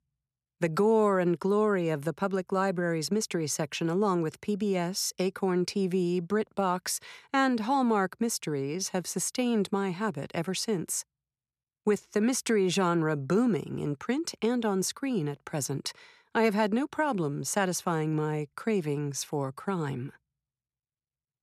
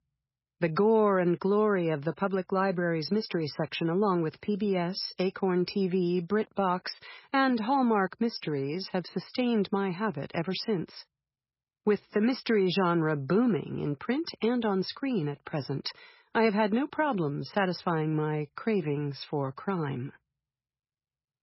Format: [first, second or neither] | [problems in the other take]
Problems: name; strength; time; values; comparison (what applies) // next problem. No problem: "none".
first | garbled, watery; badly; nothing above 5.5 kHz